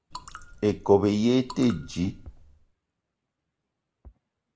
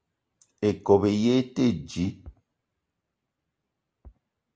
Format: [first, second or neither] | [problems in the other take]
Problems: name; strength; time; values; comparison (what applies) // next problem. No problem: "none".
second | background sound (Raindrop / Drip); 18 dB below the speech